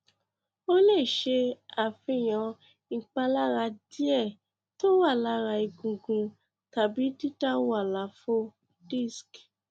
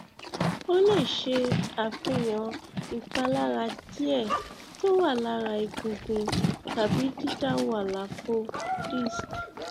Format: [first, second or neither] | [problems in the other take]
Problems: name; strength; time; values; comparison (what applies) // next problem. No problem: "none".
first | background sound (Livestock, farm animals, working animals); 5 dB below the speech